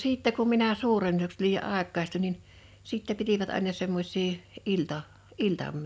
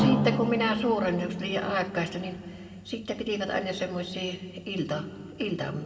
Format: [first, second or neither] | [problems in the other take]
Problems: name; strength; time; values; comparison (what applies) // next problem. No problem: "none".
first | background sound (Drum); 4 dB below the speech // room echo; dies away in 1.5 s